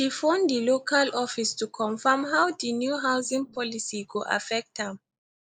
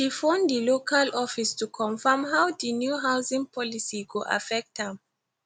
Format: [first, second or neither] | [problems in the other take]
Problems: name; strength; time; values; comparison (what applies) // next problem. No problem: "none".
second | noise reduction (neural mask model Resemble Enhance denoiser)